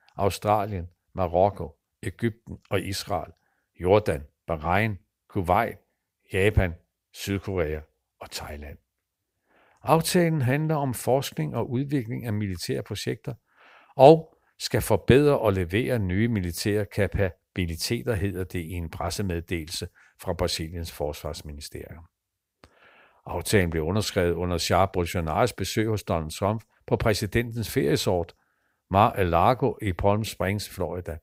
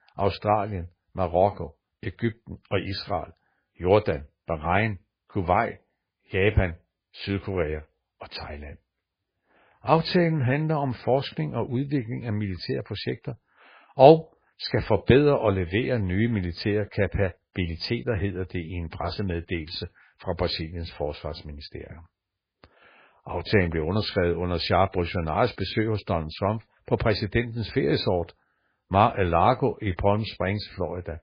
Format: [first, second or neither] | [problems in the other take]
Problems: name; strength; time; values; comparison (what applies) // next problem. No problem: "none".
first | garbled, watery; badly; nothing above 4.5 kHz